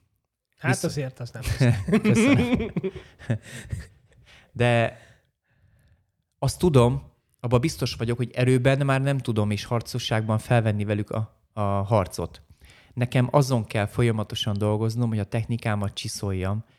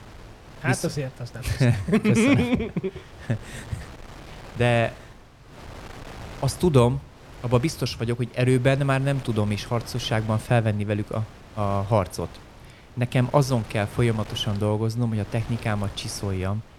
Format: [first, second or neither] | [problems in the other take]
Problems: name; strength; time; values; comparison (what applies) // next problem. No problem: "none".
first | wind noise on the microphone; occasional gusts; 20 dB below the speech